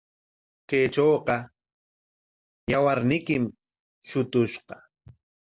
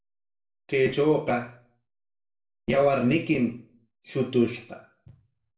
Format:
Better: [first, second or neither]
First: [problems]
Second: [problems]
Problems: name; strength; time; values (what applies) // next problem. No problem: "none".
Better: first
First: none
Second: room echo; dies away in 0.4 s